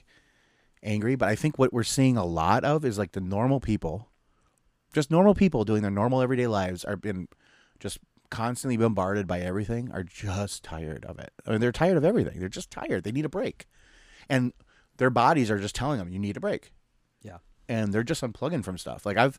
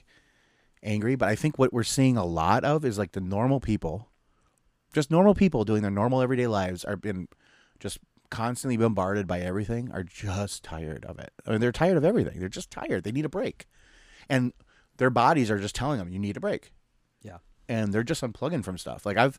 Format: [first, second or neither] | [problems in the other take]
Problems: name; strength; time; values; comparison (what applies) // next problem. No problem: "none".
neither | none